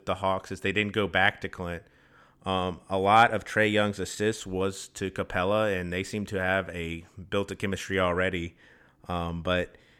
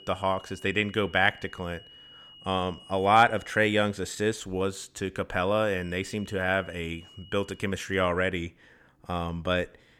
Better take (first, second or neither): first